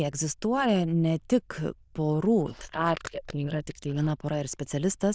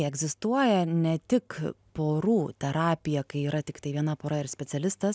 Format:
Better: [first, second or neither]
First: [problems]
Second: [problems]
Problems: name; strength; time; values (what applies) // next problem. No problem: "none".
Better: second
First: noise reduction (neural diffusion model UNIVERSE++)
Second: none